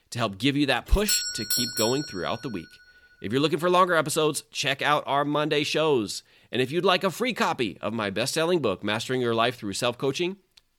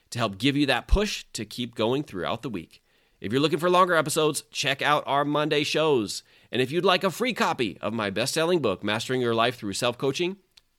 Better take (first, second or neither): second